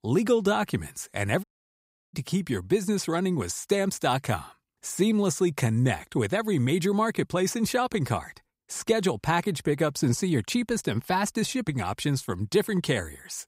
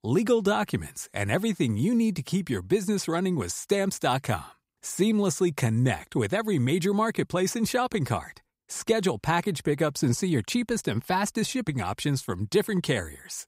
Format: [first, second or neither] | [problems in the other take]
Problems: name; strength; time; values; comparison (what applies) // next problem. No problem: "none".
second | audio cutting out; at 1.5 s for 0.5 s